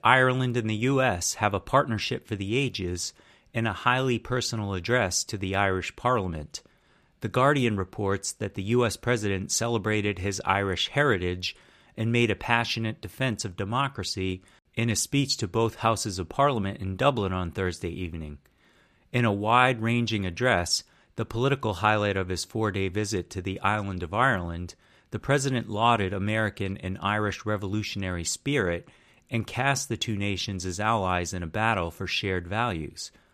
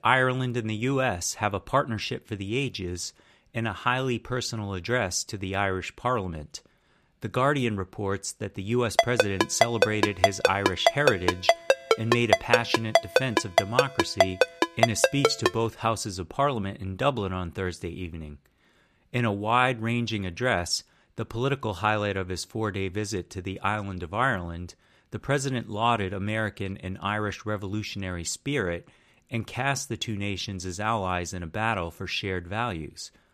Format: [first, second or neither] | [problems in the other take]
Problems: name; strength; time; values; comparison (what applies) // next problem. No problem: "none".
first | phone ringing; loud; from 9 to 15 s; peak 5 dB above the speech